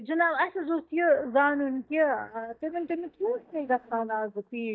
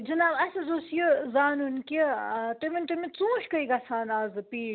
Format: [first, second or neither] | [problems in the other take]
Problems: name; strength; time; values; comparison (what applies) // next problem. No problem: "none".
second | noise reduction (neural mask model DeepFilterNet 3)